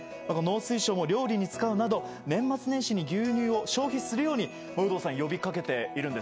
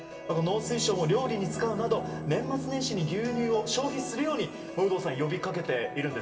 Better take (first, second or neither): first